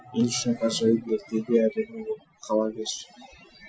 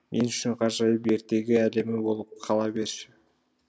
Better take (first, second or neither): second